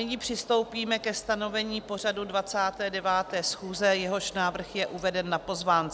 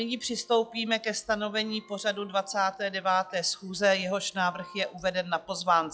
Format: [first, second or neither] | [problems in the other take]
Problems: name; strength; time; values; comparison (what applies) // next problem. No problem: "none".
first | noise reduction (classical method log-MMSE)